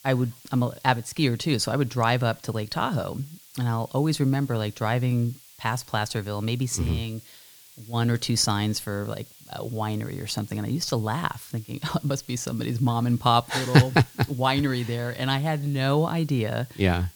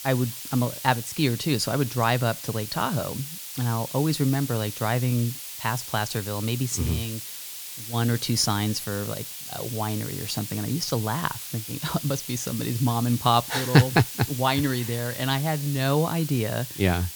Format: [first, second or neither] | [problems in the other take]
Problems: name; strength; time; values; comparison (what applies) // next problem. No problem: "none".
first | hiss; loud; throughout; 8 dB below the speech; faint in the first